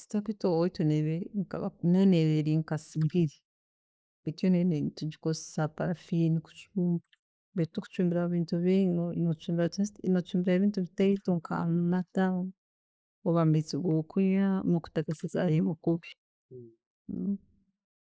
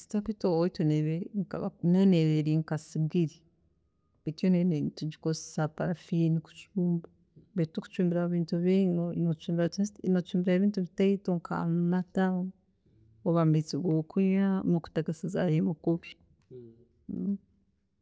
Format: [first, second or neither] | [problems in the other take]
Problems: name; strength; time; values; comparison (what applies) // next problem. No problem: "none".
second | noise reduction (neural mask model Resemble Enhance denoiser)